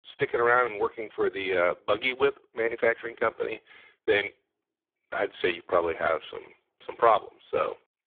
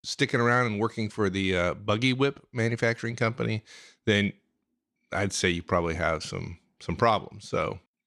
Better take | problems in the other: second | phone-call audio; poor line

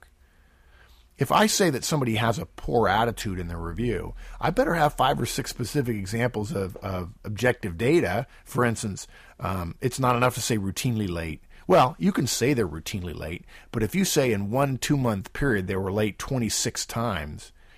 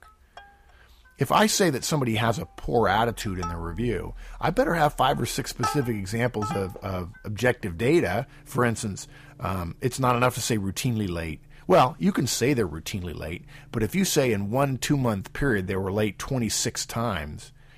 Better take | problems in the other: first | background music; noticeable; throughout; 15 dB below the speech

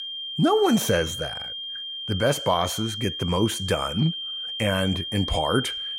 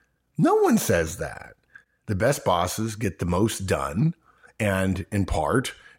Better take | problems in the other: second | high-pitched whine; loud; throughout; 3 kHz, 6 dB below the speech

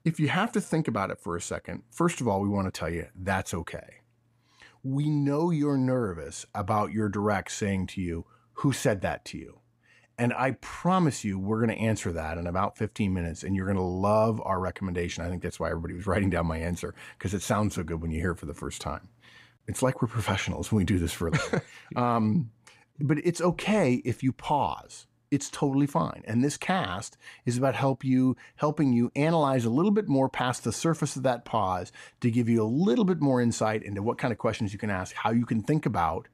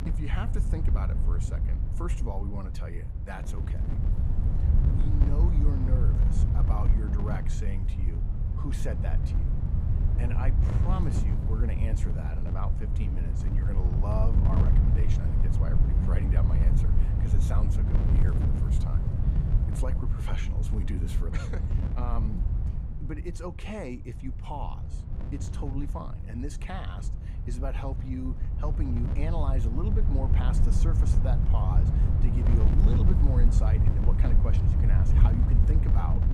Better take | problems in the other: first | wind noise on the microphone; heavy; 1 dB below the speech

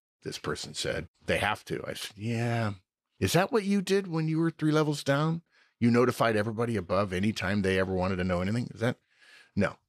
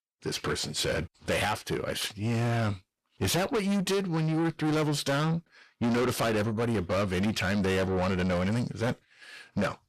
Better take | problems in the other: first | distortion; heavy; 7 dB below the speech

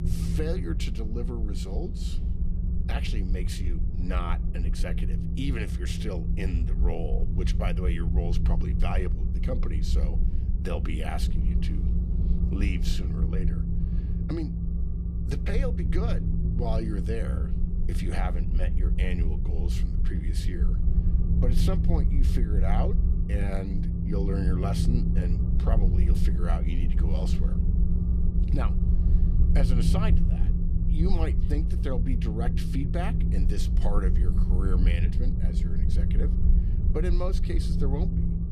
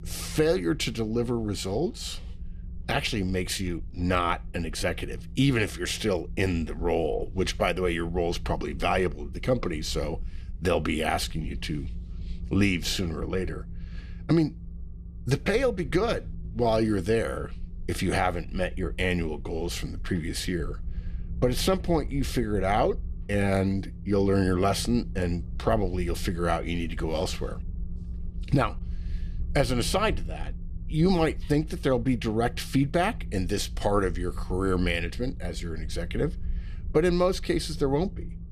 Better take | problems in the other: second | low rumble; loud; throughout; 3 dB below the speech; faint in the second

